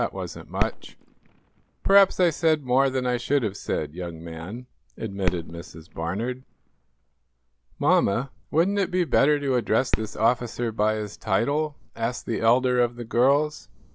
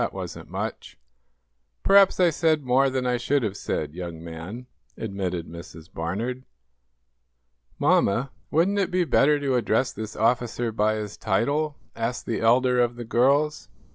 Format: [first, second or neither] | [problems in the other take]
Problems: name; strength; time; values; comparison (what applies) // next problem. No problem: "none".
second | background sound (Fireworks); 11 dB below the speech